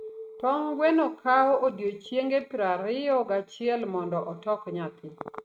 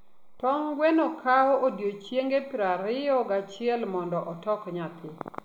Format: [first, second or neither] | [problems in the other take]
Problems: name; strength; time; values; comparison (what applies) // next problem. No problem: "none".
second | noise reduction (neural mask model RNNoise)